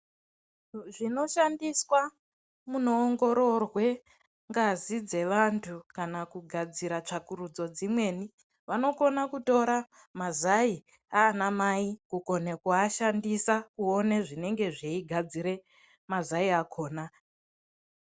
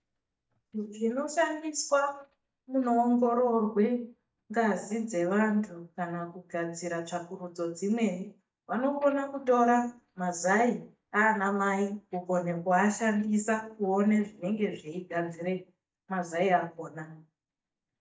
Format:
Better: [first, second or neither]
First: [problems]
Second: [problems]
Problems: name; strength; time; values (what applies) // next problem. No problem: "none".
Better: first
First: none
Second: noise reduction (neural mask model DeepFilterNet 3)